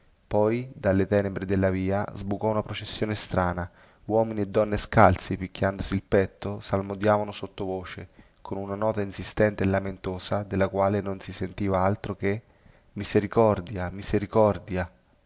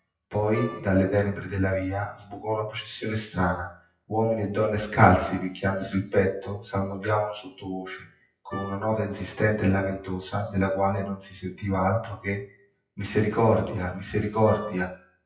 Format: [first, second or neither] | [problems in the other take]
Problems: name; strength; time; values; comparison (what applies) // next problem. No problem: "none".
first | noise reduction (classical method WPE with log-MMSE)